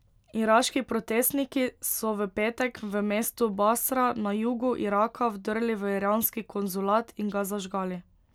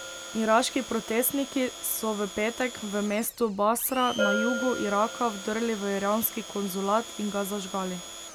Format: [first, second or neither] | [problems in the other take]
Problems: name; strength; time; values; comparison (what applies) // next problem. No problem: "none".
first | background sound (Domestic sounds, home sounds + Bell); 9 dB below the speech